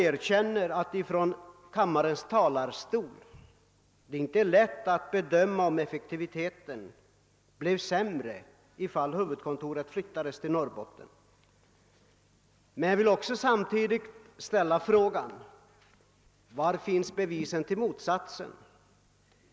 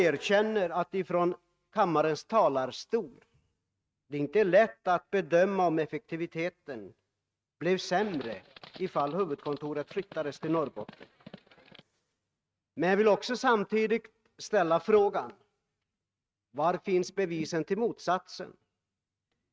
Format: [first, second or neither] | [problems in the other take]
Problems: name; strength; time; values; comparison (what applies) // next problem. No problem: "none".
first | noise reduction (neural mask model RNNoise)